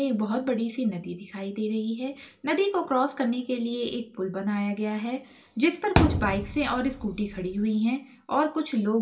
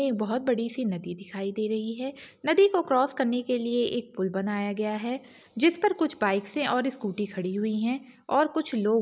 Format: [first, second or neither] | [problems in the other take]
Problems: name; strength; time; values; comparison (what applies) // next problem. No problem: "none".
second | background sound (Thump, thud); 1 dB below the speech // room echo; dies away in 0.2 s